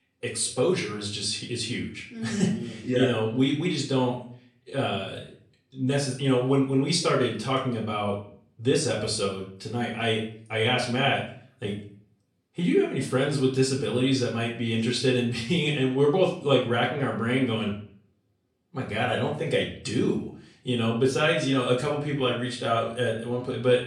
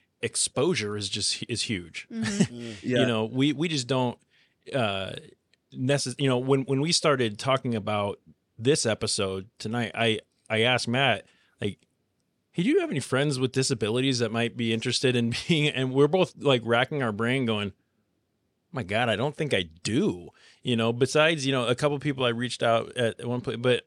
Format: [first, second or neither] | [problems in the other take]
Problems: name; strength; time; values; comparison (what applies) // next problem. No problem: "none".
second | room echo; slight; dies away in 0.5 s // off-mic speech; far